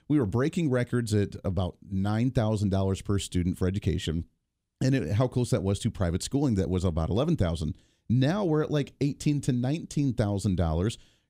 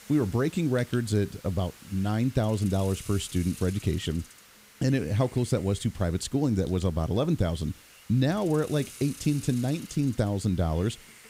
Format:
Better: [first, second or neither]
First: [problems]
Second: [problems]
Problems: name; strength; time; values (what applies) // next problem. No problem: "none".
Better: first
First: none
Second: hiss; noticeable; throughout; 20 dB below the speech